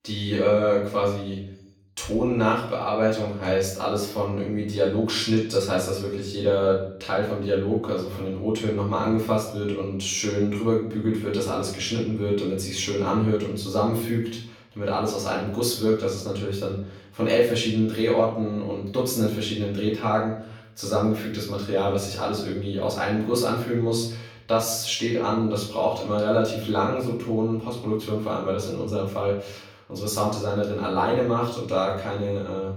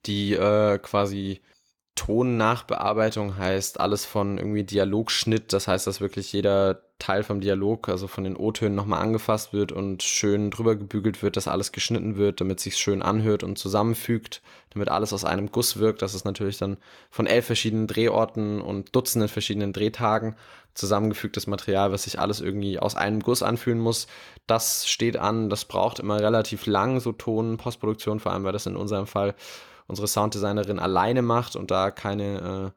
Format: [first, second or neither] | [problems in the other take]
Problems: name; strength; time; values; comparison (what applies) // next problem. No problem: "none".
second | off-mic speech; far // room echo; noticeable; dies away in 0.6 s